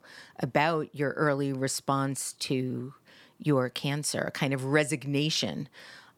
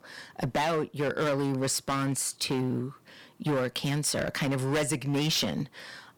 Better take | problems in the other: first | distortion; heavy; 13% of the sound clipped

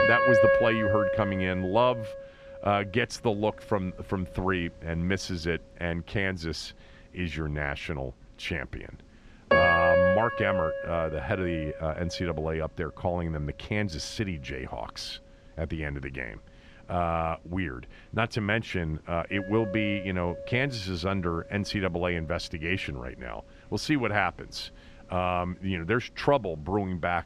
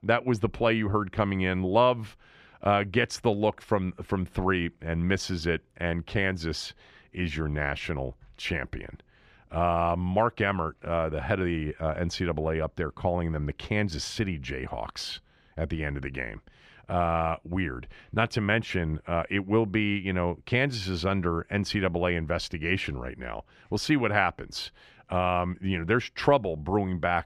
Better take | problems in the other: second | background music; very loud; throughout; 3 dB above the speech

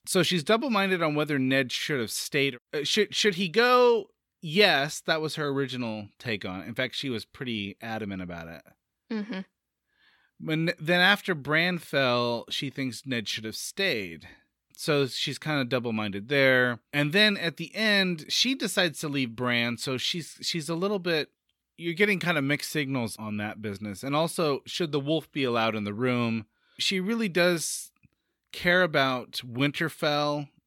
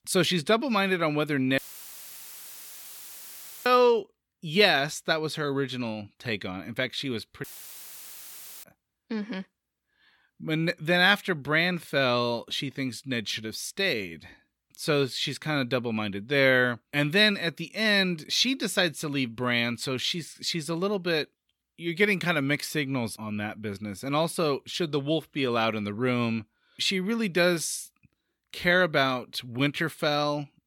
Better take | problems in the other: first | audio cutting out; filled with static; at 1.5 s for 2 s and at 7.5 s for 1 s

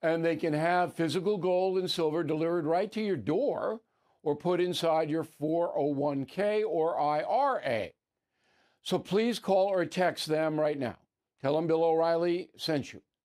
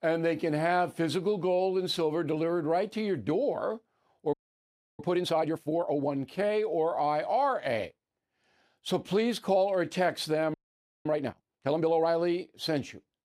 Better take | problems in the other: first | audio freezing; at 4.5 s for 0.5 s and at 11 s for 0.5 s

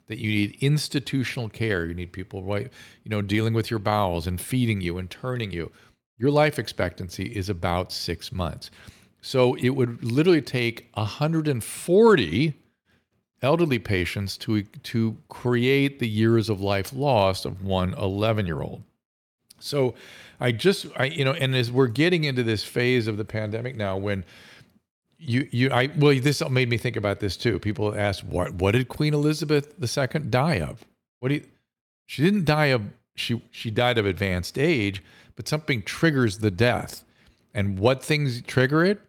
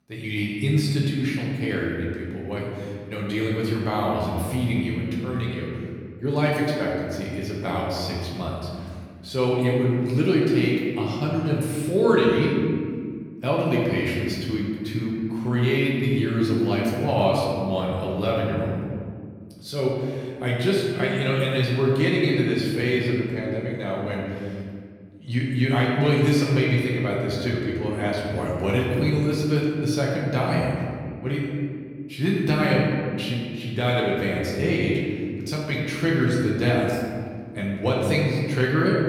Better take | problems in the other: first | room echo; noticeable; dies away in 2 s // off-mic speech; far

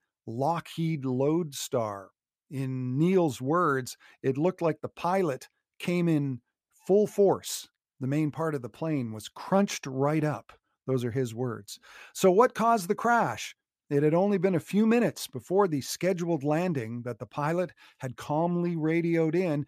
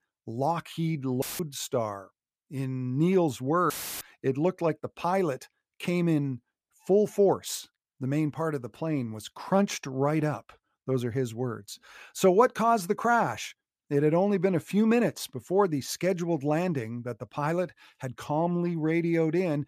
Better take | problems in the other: first | audio cutting out; filled with static; at 1 s and at 3.5 s

